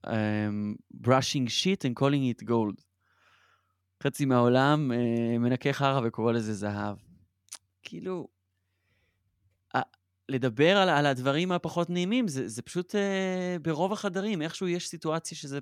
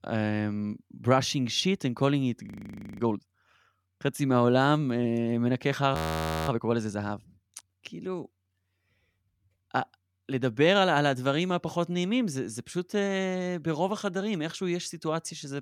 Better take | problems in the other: first | audio freezing; at 2.5 s for 0.5 s and at 6 s for 0.5 s

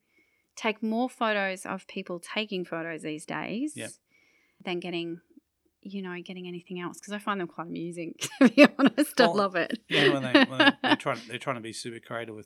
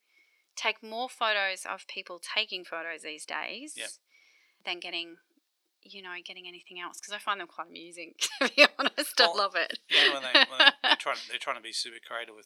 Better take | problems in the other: first | thin; very; fading below 700 Hz

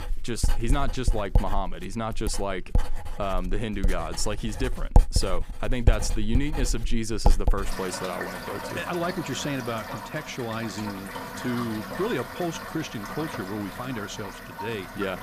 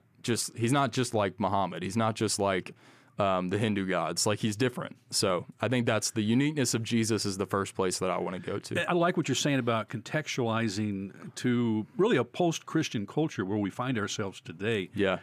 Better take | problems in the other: second | household noises; loud; throughout; 1 dB below the speech

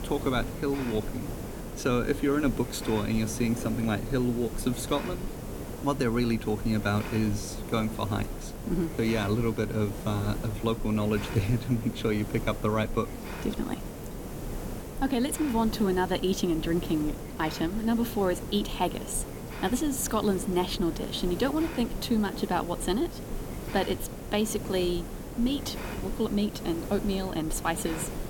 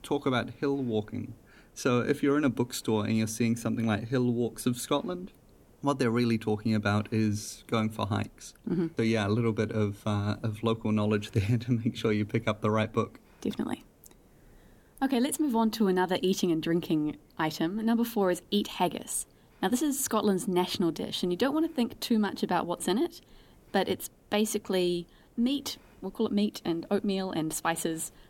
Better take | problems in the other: second | hiss; loud; throughout; 9 dB below the speech; faint in the second

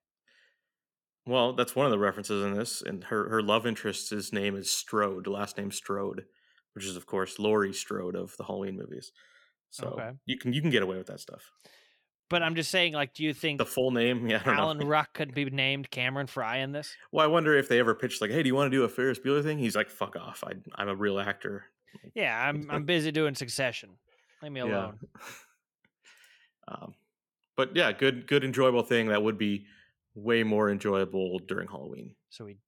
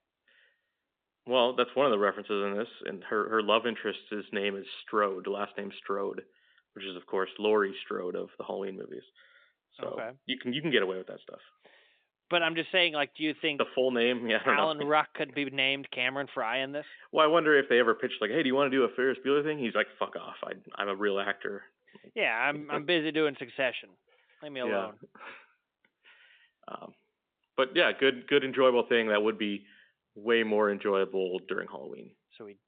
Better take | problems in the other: first | phone-call audio; nothing above 3 kHz

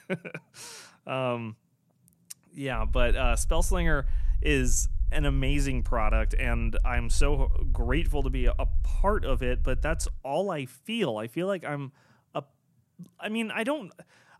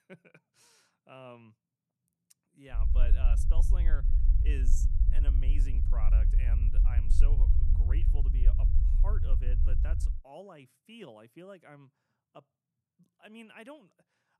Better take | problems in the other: first | low rumble; loud; from 3 to 10 s; 2 dB below the speech; faint in the first

